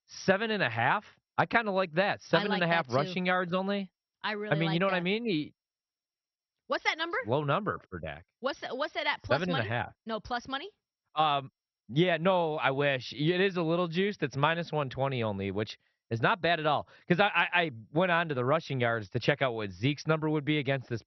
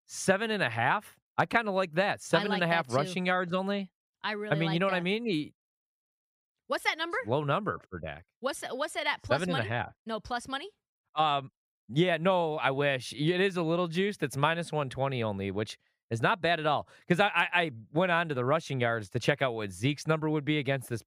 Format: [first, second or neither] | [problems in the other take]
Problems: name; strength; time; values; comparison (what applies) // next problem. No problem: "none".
second | garbled, watery; slightly; nothing above 6 kHz